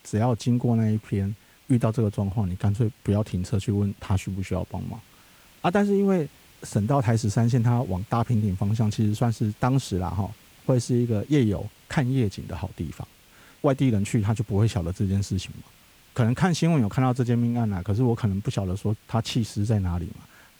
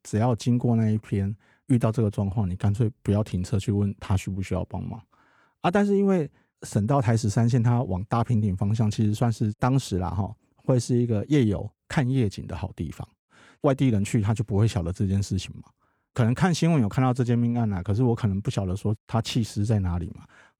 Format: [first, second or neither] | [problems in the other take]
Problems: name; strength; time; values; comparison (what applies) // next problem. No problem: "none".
second | hiss; faint; throughout; 25 dB below the speech